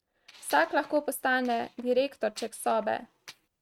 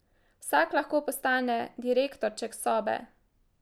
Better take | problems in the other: second | noise reduction (neural mask model RNNoise)

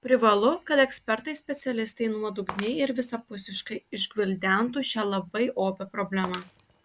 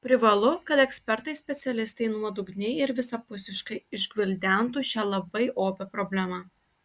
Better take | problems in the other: second | background sound (Shatter); 20 dB below the speech

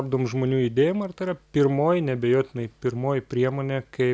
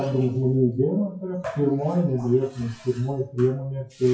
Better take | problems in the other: first | noise reduction (classical method WPE with log-MMSE)

